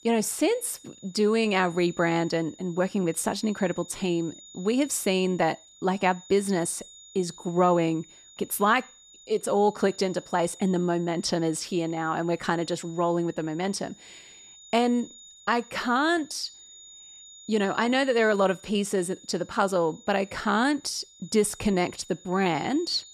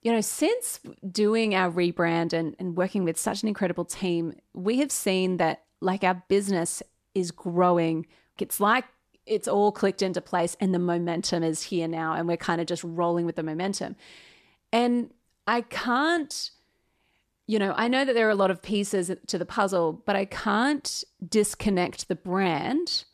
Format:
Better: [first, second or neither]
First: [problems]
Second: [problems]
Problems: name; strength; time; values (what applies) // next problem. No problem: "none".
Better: second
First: high-pitched whine; faint; throughout; 7 kHz, 20 dB below the speech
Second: none